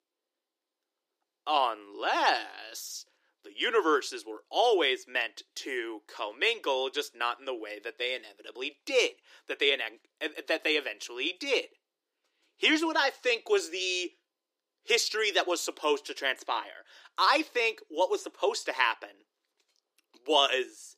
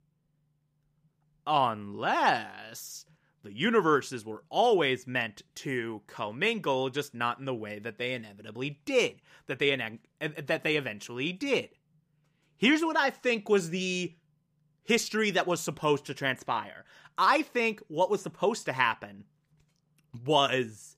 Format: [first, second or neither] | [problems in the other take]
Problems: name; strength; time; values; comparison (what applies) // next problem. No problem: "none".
second | thin; somewhat; fading below 300 Hz